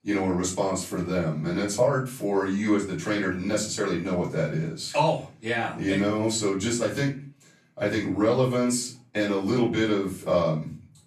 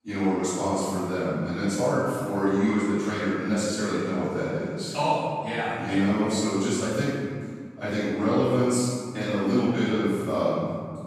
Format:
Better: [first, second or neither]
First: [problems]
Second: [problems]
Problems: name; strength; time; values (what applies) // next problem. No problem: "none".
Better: first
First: room echo; slight; dies away in 0.3 s // off-mic speech; far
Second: room echo; strong; dies away in 2 s // off-mic speech; far